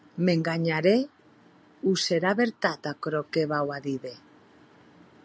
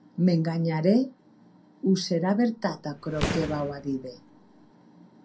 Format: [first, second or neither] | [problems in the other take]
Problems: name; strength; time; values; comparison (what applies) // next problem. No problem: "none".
first | background sound (Fireworks); 8 dB below the speech // room echo; dies away in 0.3 s